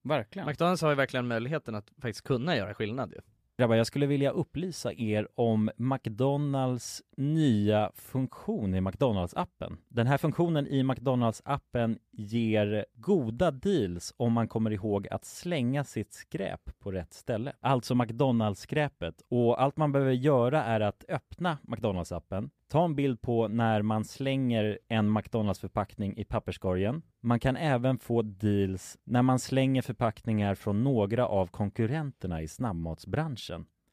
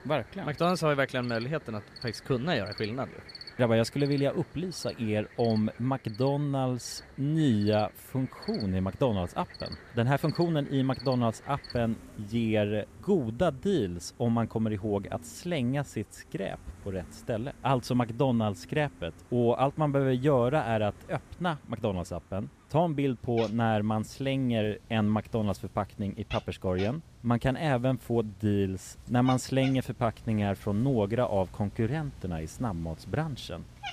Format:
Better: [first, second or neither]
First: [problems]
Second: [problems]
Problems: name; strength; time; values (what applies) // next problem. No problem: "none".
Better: first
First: none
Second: animal sounds; noticeable; throughout; 20 dB below the speech